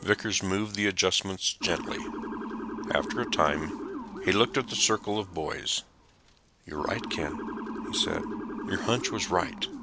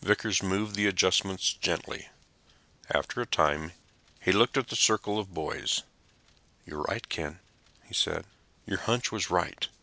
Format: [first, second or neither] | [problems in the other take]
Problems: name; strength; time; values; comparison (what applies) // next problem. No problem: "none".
second | background sound (Motor vehicle (road) / Siren); 7 dB below the speech